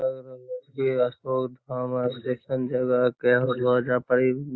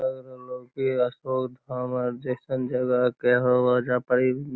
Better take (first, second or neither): second